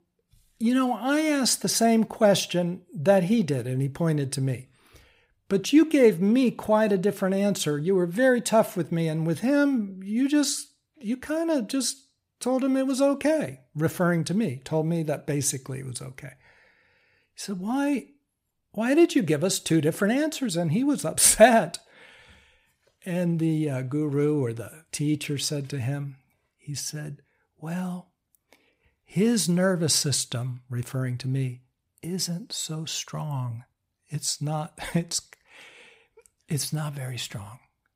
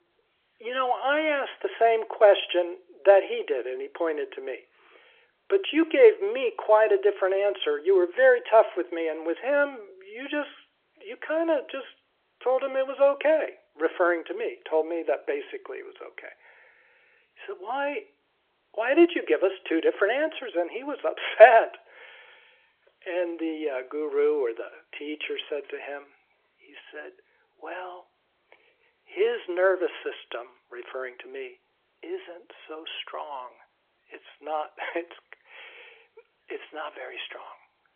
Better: first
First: none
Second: phone-call audio; nothing above 3.5 kHz

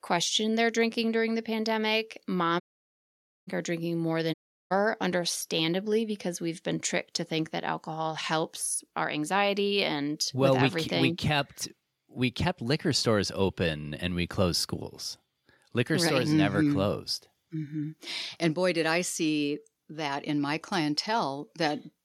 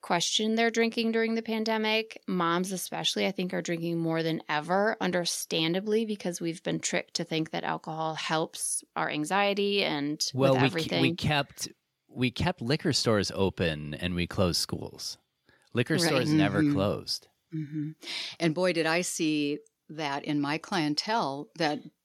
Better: second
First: audio cutting out; at 2.5 s for 1 s and at 4.5 s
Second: none

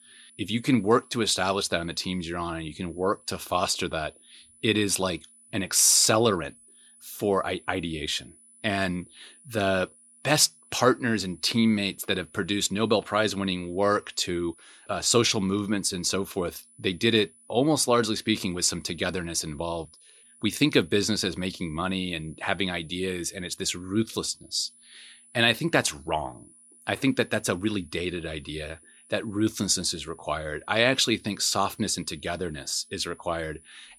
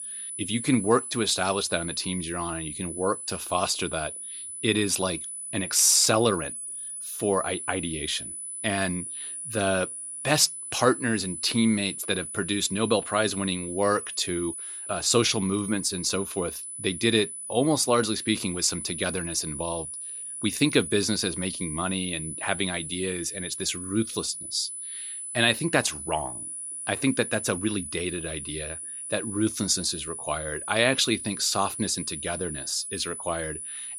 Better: first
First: high-pitched whine; faint; throughout; 10 kHz, 25 dB below the speech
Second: high-pitched whine; loud; throughout; 10 kHz, 7 dB below the speech

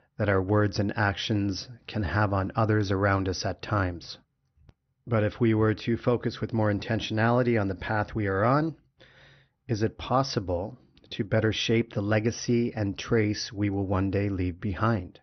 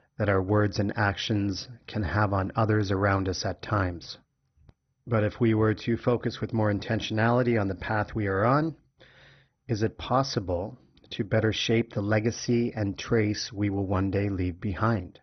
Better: first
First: garbled, watery; slightly; nothing above 6 kHz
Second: garbled, watery; badly; nothing above 6 kHz

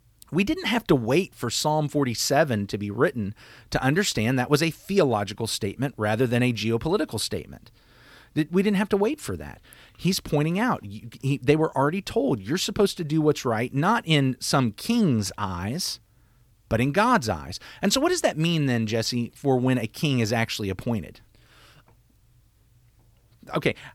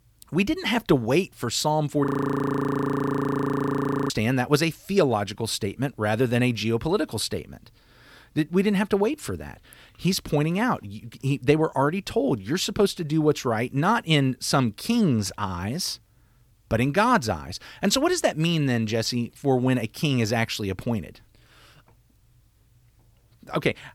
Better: first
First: none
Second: audio freezing; at 2 s for 2 s

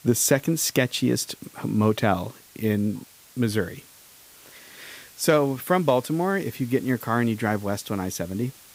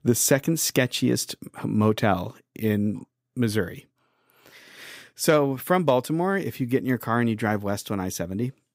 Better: second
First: hiss; faint; throughout; 25 dB below the speech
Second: none

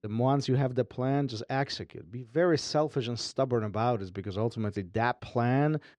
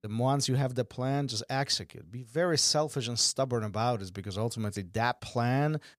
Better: second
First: muffled; slightly; fading above 3 kHz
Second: none

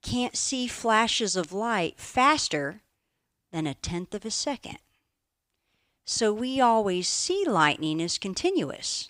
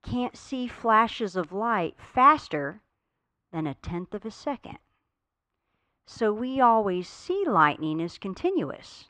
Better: first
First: none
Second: muffled; very; fading above 4 kHz

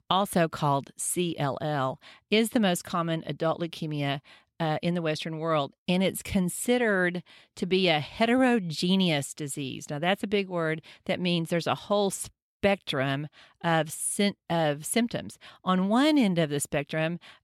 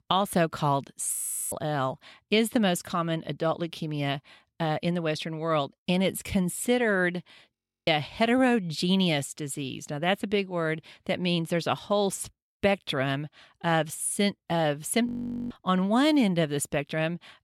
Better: first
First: none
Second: audio freezing; at 1 s, at 7.5 s and at 15 s

